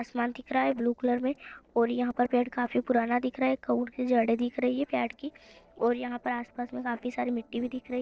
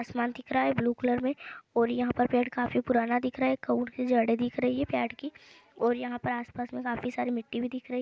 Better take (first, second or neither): second